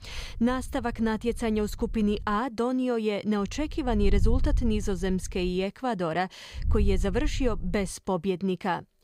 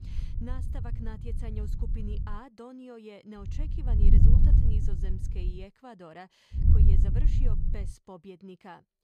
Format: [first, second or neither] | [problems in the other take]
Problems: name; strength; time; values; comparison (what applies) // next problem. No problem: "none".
first | wind noise on the microphone; heavy; until 2.5 s, from 3.5 to 5.5 s and from 6.5 to 8 s; 3 dB above the speech; occasional gusts in the first